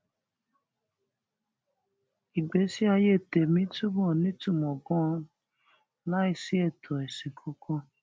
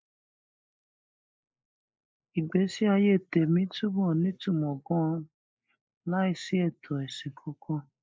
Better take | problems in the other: first | noise reduction (neural mask model Resemble Enhance denoiser)

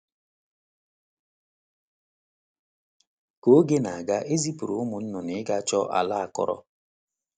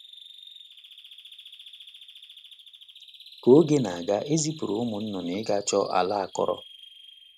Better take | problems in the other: first | noise reduction (neural mask model RNNoise)

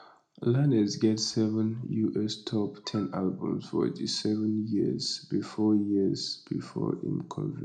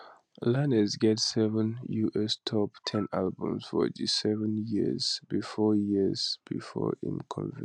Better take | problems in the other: second | room echo; dies away in 0.3 s

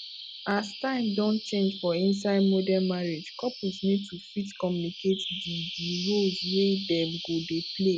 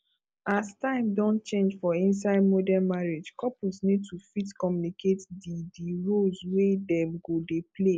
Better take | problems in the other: second | background sound (Bird vocalization, bird call, bird song); 10 dB below the speech

